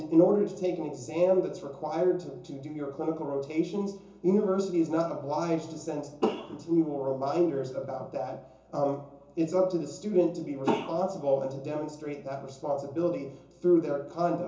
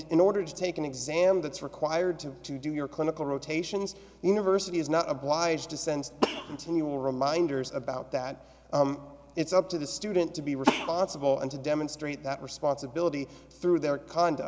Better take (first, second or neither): second